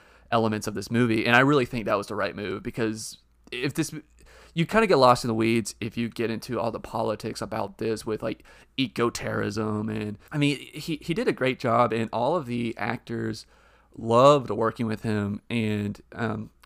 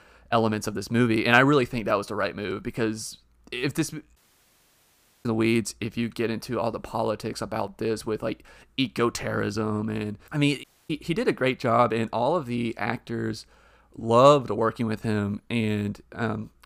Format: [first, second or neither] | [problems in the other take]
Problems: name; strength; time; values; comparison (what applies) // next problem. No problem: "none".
first | audio cutting out; at 4 s for 1 s and at 11 s